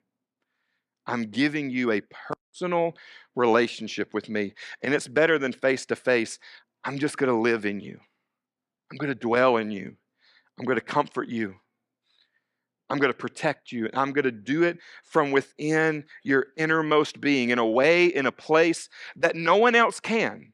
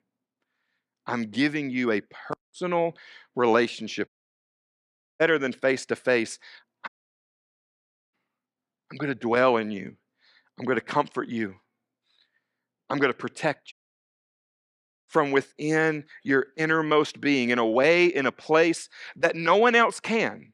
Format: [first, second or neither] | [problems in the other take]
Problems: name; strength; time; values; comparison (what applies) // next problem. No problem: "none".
first | audio cutting out; at 4 s for 1 s, at 7 s for 1.5 s and at 14 s for 1.5 s